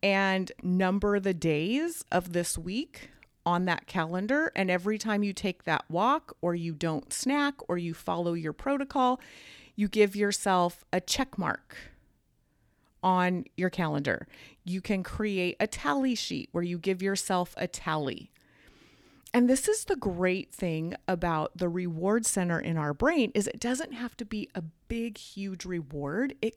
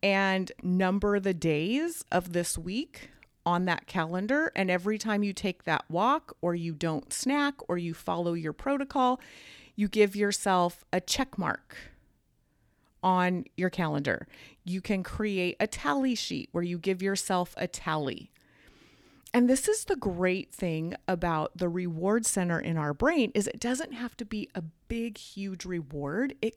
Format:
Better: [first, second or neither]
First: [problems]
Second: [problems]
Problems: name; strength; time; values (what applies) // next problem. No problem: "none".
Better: neither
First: none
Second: none